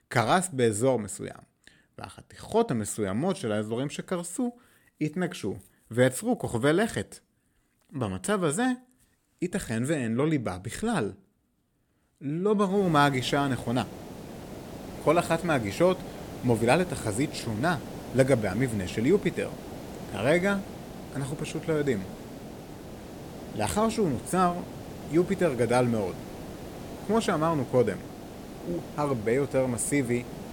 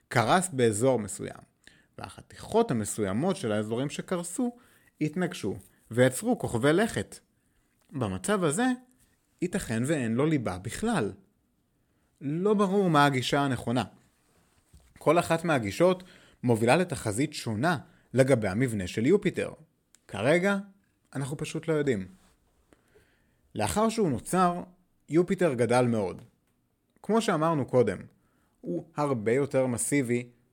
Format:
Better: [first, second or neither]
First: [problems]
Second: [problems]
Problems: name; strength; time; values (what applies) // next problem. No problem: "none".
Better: second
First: hiss; noticeable; from 13 s on; 15 dB below the speech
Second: none